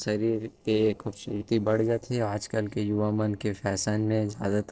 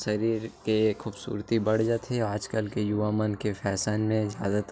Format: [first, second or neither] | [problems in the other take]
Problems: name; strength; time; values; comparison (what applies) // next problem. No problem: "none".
second | noise reduction (neural separator model SepFormer DNS4)